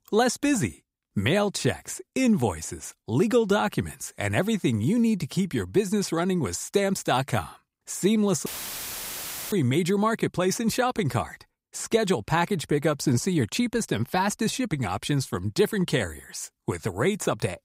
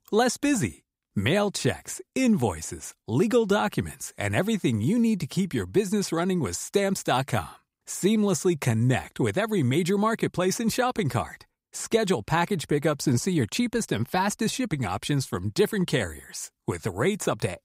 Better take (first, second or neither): second